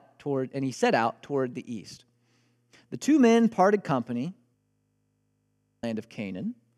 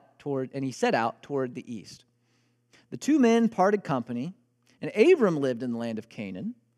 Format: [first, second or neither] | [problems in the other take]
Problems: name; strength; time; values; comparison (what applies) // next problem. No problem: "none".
second | audio freezing; at 4.5 s for 1.5 s